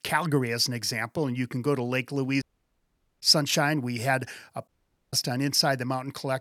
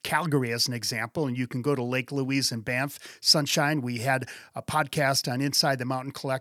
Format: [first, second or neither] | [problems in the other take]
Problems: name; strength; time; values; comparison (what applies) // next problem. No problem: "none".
second | audio cutting out; at 2.5 s for 1 s and at 4.5 s